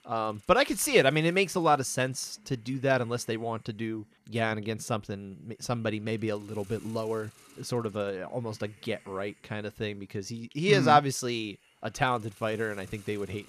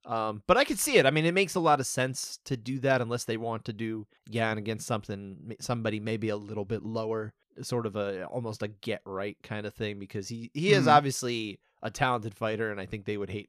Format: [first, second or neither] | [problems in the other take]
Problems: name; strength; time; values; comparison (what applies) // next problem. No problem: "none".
second | hiss; faint; throughout; 30 dB below the speech